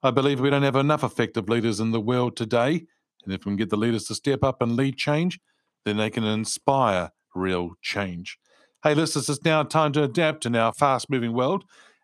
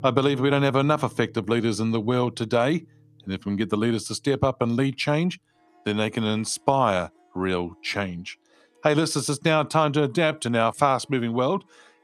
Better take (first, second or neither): first